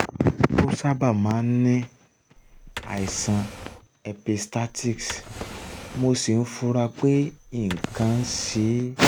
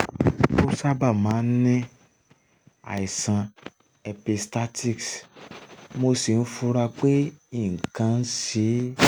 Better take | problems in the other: second | background sound (Drawer open or close); 14 dB below the speech

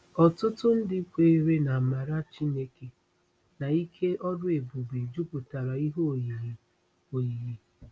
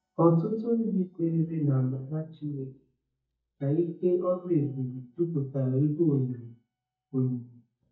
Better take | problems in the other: first | noise reduction (neural mask model DeepFilterNet 3)

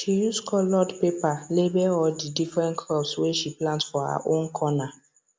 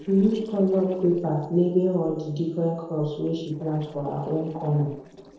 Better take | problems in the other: first | noise reduction (neural separator model SepFormer DNS4)

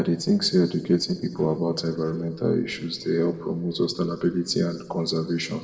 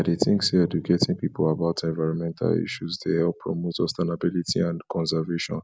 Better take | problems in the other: second | noise reduction (neural separator model SepFormer DNS4)

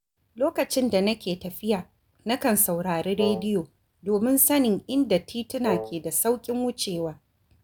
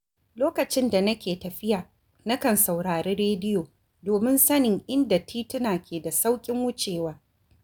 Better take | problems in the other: second | background sound (Wind instrument, woodwind instrument); 6 dB below the speech

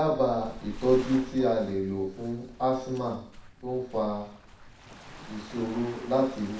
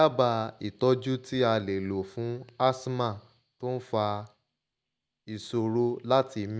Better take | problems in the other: second | background sound (Waves, surf); 15 dB below the speech // room echo; dies away in 0.6 s

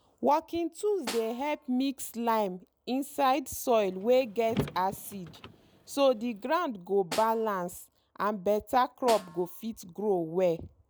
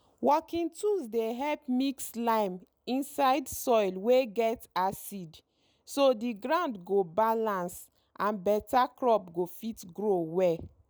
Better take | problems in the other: second | background sound (Snare drum + Car); 14 dB below the speech

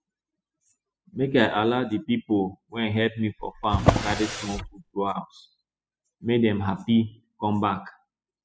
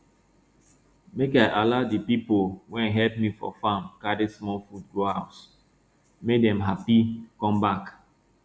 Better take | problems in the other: second | noise reduction (classical method spectral subtraction)

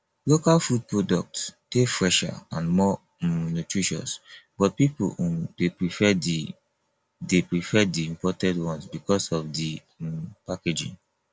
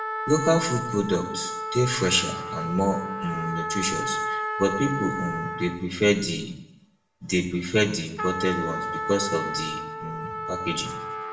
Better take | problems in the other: first | background sound (Trumpet); 5 dB below the speech // room echo; dies away in 0.7 s

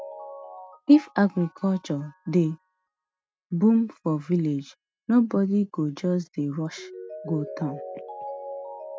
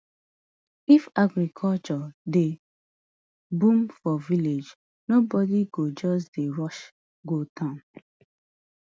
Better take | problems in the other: second | noise reduction (neural mask model RNNoise)

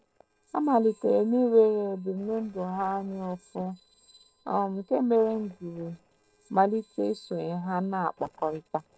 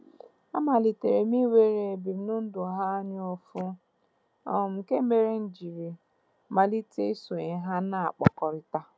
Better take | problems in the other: second | noise reduction (neural separator model SepFormer DNS4)

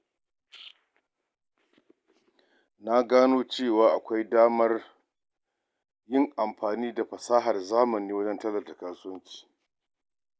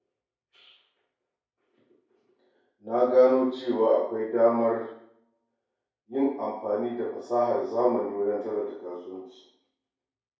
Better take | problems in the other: first | room echo; dies away in 0.6 s

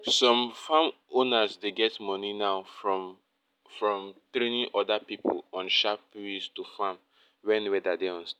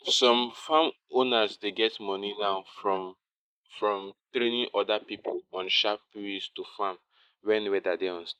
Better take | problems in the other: first | noise reduction (neural mask model Resemble Enhance denoiser)

